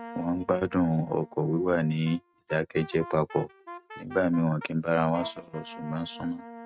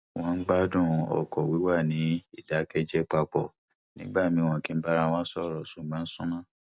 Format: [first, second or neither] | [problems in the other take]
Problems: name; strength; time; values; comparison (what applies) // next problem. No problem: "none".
second | noise reduction (neural mask model RNNoise)